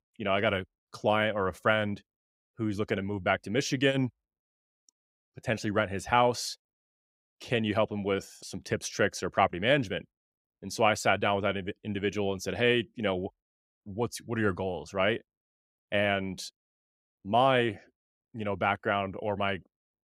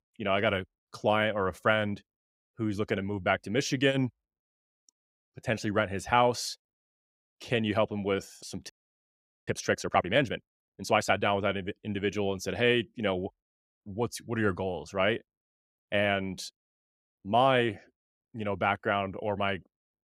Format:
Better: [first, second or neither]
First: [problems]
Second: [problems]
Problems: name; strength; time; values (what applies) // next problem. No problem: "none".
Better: first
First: none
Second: audio freezing; at 8.5 s for 1 s